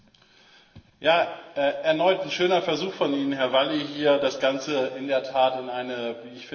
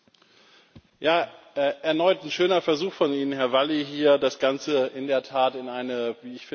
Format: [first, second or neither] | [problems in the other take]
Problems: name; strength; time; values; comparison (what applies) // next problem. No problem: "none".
second | room echo; dies away in 2.6 s